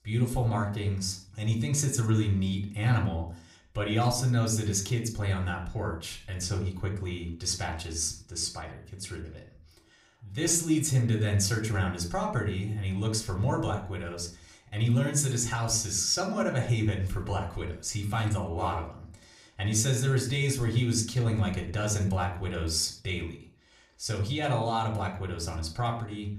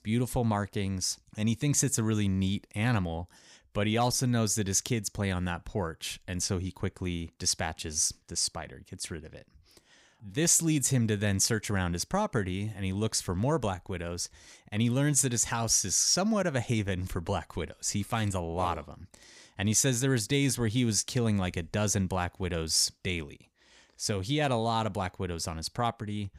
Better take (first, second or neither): second